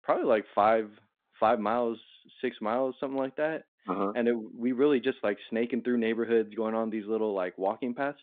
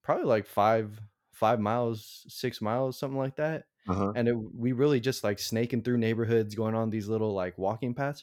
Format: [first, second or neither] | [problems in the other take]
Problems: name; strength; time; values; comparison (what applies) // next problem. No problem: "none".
second | phone-call audio; nothing above 3.5 kHz